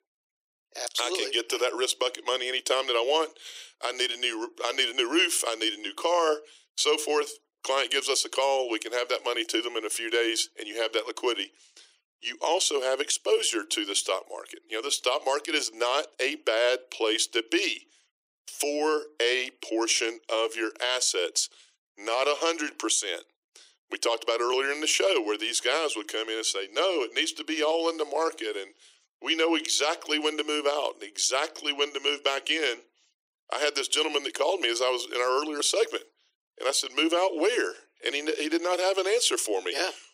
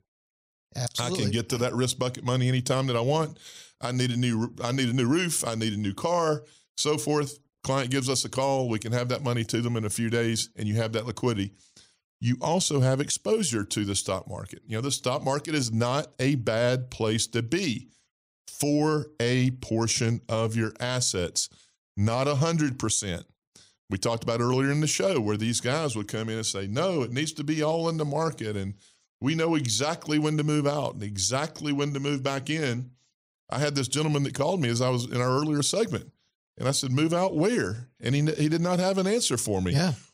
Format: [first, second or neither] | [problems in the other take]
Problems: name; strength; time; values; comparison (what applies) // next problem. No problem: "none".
second | thin; very; fading below 350 Hz